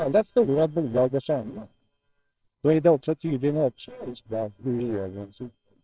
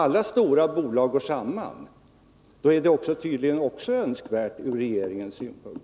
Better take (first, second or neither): second